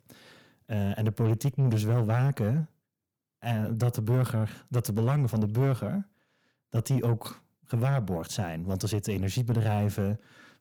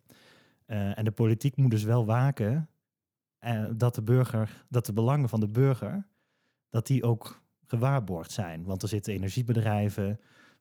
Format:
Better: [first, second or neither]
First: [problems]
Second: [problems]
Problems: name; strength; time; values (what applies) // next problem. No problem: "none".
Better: second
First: distortion; slight; 10 dB below the speech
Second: none